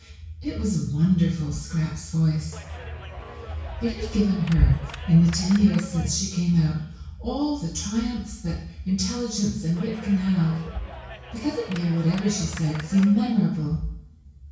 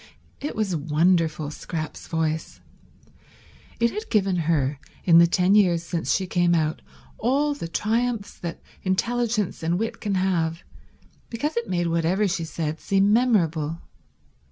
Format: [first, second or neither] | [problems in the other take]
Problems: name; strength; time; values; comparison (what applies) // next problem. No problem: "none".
second | background sound (Clapping); 17 dB below the speech // room echo; dies away in 0.6 s